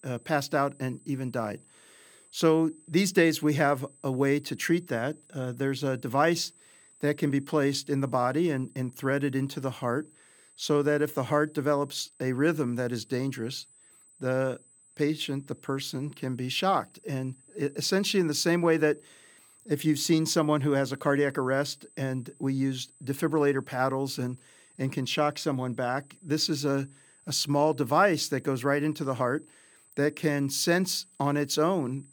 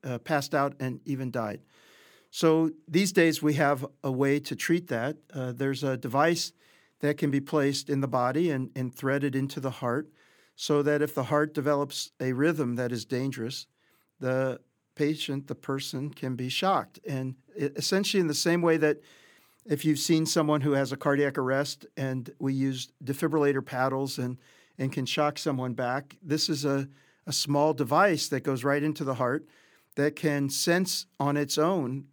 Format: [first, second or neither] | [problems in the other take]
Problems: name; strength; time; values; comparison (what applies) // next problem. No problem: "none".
second | high-pitched whine; faint; throughout; 8 kHz, 30 dB below the speech